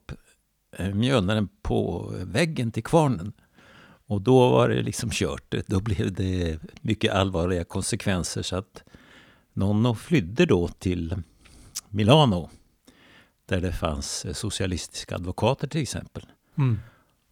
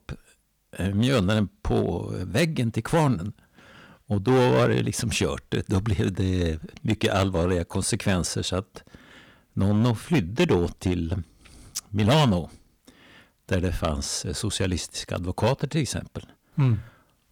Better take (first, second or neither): first